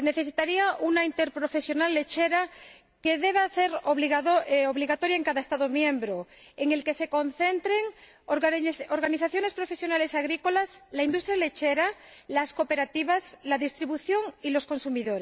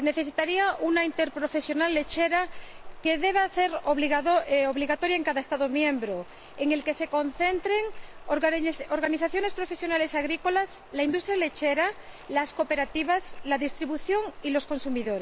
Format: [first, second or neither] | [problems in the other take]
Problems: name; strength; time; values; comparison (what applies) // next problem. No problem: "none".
first | background sound (Rain); 15 dB below the speech